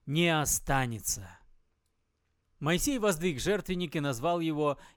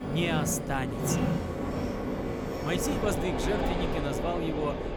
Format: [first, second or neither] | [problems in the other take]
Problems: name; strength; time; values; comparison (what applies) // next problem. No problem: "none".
first | train or aircraft noise; very loud; throughout; 2 dB above the speech